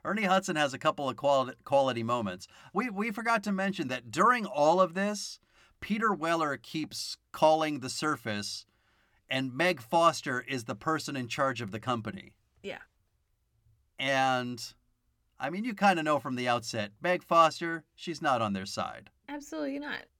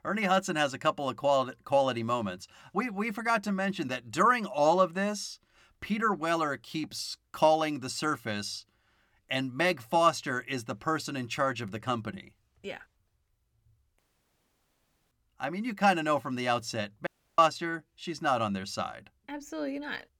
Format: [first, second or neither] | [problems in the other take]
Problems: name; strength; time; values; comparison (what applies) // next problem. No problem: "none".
first | audio cutting out; at 14 s for 1 s and at 17 s